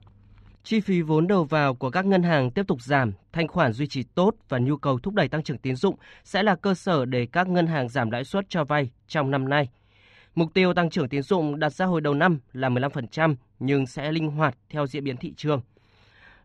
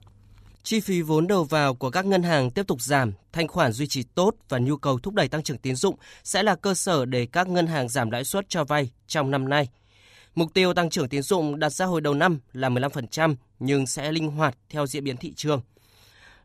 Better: second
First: muffled; slightly; fading above 2.5 kHz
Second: none

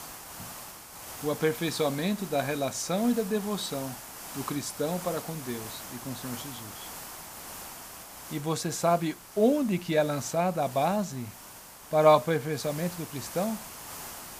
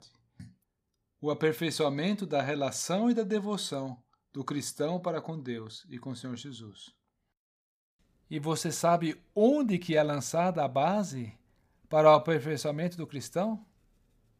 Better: second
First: hiss; noticeable; throughout; 10 dB below the speech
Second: none

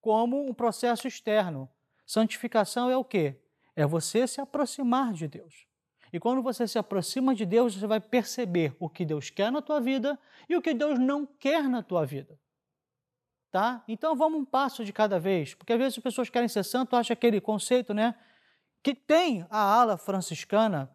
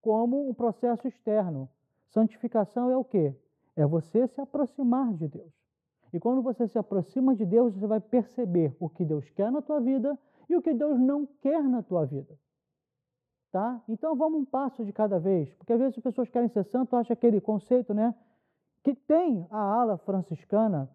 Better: first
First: none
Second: muffled; very; fading above 1.5 kHz

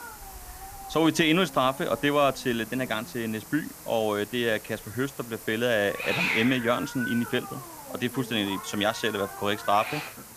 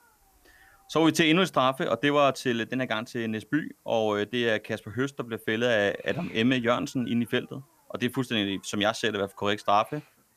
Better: second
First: hiss; loud; throughout; 9 dB below the speech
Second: hiss; faint; throughout; 30 dB below the speech

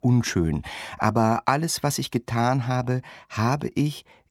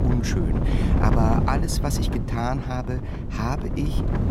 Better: first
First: none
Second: wind noise on the microphone; heavy; 4 dB below the speech

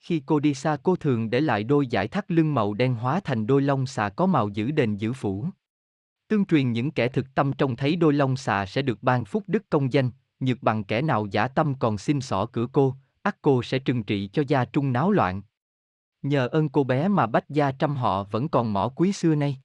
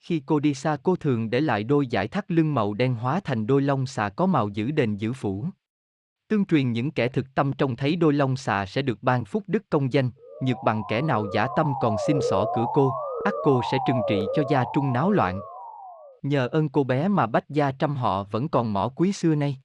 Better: first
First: none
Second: siren; noticeable; from 10 to 16 s; peak 1 dB below the speech

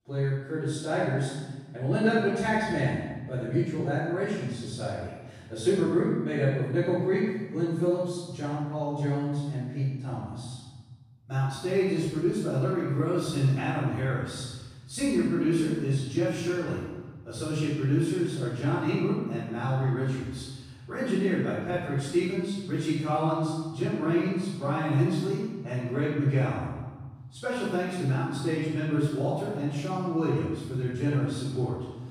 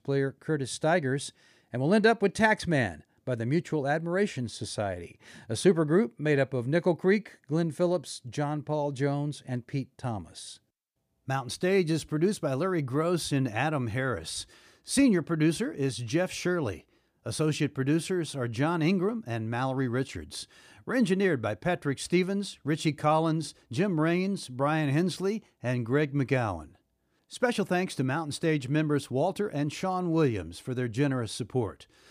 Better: second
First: off-mic speech; far // room echo; strong; dies away in 1.3 s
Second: none

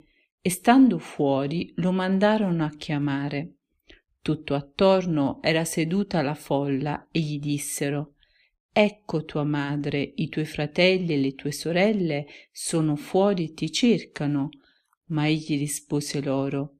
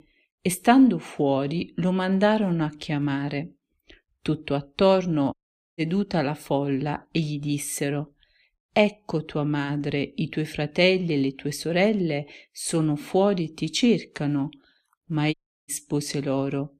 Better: first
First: none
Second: audio cutting out; at 5.5 s and at 15 s

